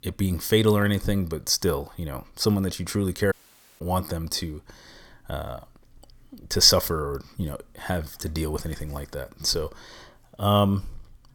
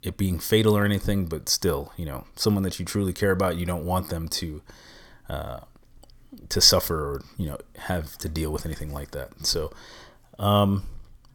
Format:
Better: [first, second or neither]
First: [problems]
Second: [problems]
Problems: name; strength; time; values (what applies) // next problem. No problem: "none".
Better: second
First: audio cutting out; at 3.5 s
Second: none